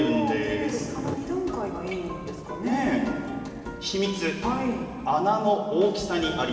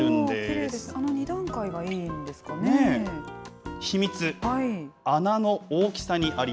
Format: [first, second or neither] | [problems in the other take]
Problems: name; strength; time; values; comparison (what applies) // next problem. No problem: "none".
second | background sound (Thunder); 17 dB below the speech // room echo; dies away in 2.7 s